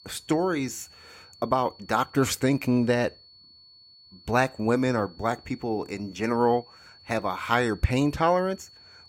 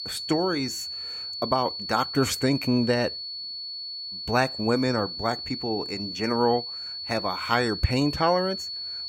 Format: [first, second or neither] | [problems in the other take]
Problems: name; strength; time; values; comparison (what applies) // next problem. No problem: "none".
first | high-pitched whine; loud; throughout; 4.5 kHz, 6 dB below the speech; faint in the first